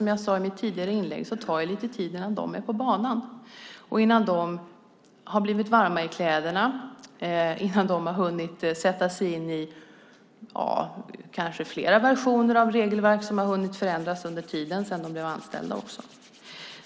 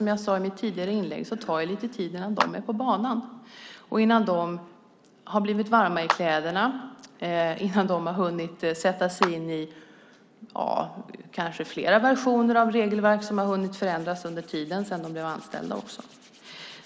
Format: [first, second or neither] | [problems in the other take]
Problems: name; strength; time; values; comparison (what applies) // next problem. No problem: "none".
first | background sound (Clapping); 7 dB below the speech